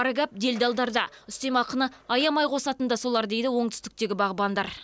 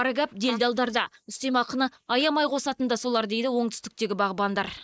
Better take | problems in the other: first | noise reduction (neural mask model Resemble Enhance denoiser)

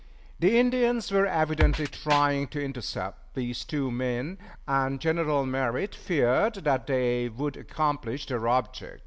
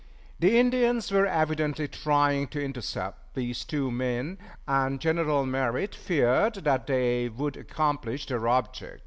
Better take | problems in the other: second | background sound (Drum kit); 1 dB below the speech

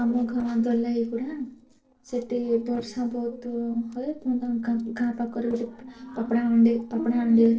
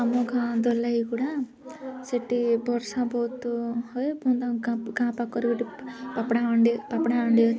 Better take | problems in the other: second | noise reduction (neural separator model SepFormer DNS4)

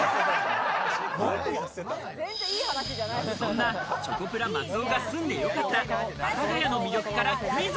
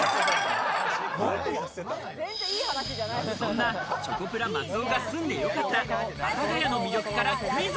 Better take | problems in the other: first | background sound (Coin (dropping)); 16 dB below the speech

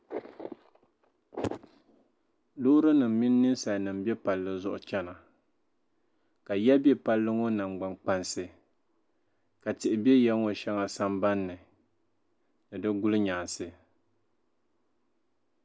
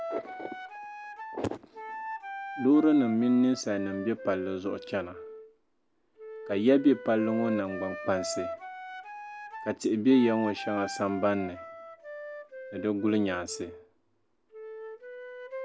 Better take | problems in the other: first | background sound (Wind instrument, woodwind instrument); 11 dB below the speech

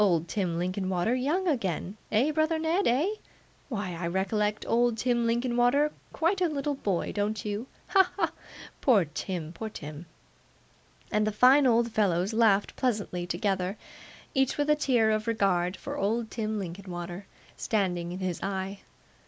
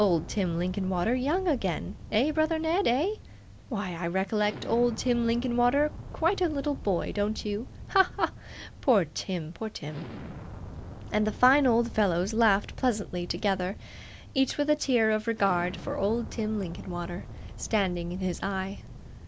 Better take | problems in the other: first | background sound (Explosion); 13 dB below the speech

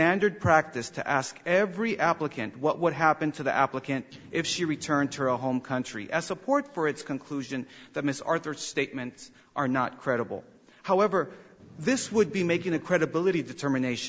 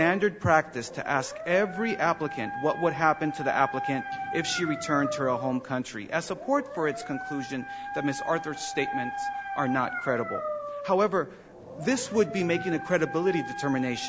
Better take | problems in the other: first | background sound (Dog); 8 dB below the speech

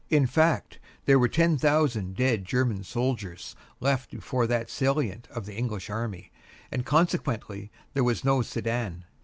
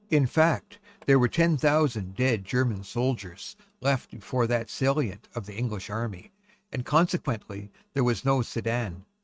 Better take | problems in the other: first | noise reduction (neural mask model RNNoise)

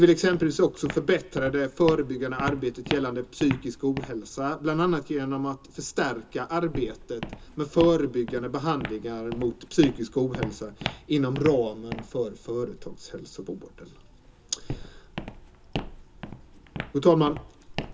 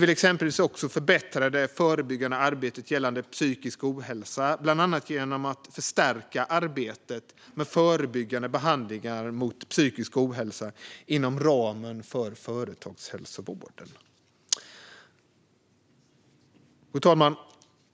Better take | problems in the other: second | background sound (Walk, footsteps); 12 dB below the speech // room echo; dies away in 0.2 s

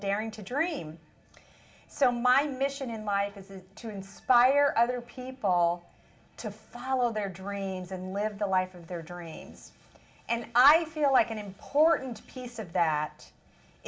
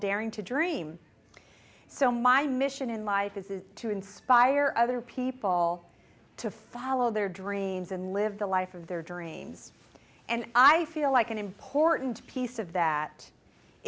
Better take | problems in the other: second | room echo; dies away in 0.2 s

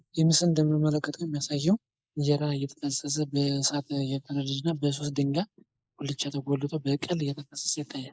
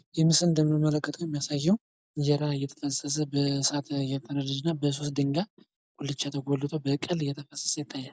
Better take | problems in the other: second | noise reduction (neural mask model Resemble Enhance denoiser)

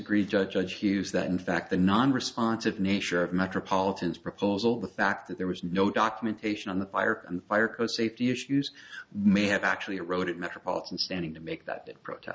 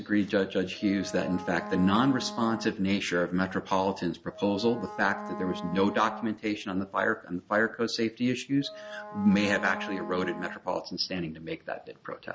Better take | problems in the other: first | background sound (Wind instrument, woodwind instrument); 13 dB below the speech

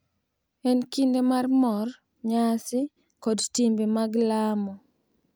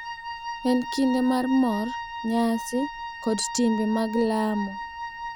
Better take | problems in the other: first | background sound (Wind instrument, woodwind instrument); 9 dB below the speech

